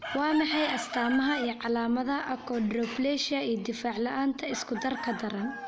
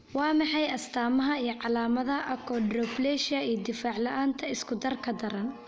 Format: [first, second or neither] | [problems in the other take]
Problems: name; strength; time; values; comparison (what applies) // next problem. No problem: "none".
second | background sound (Chicken, rooster); 11 dB below the speech